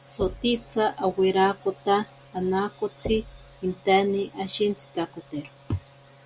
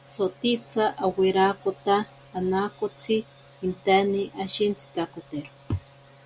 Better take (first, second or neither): second